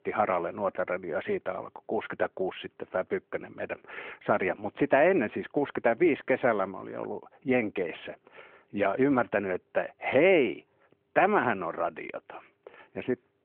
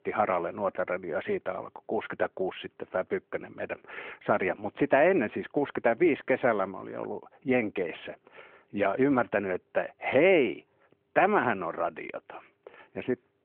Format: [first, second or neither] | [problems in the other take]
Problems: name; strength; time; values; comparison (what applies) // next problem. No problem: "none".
neither | phone-call audio; the same in both